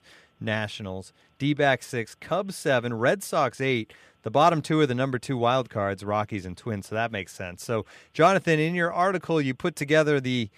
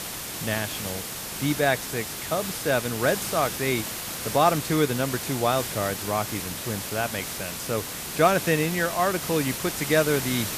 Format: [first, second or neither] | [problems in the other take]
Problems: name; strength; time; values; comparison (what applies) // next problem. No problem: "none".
first | hiss; loud; throughout; 5 dB below the speech